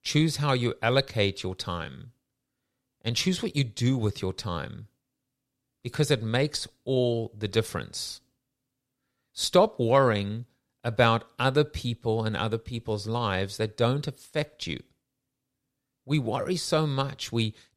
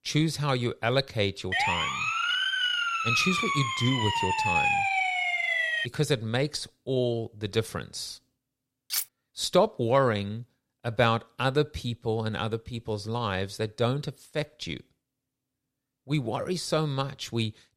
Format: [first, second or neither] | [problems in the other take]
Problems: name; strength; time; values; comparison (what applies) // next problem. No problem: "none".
first | siren; loud; from 1.5 to 6 s; peak 6 dB above the speech // clattering dishes; noticeable; at 9 s; peak 1 dB below the speech